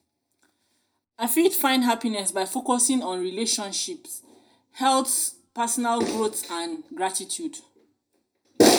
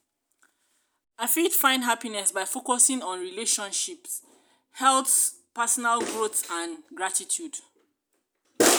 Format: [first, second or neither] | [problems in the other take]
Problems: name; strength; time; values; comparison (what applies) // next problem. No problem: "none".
second | room echo; dies away in 0.4 s